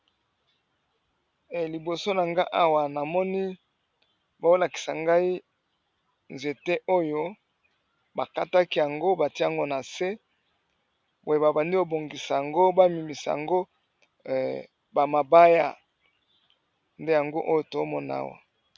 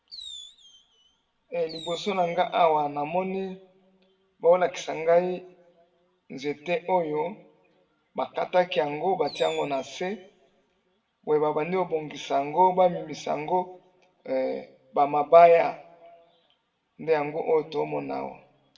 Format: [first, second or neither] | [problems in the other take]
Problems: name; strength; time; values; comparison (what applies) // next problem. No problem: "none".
first | background sound (Fireworks); 20 dB below the speech // room echo; dies away in 0.6 s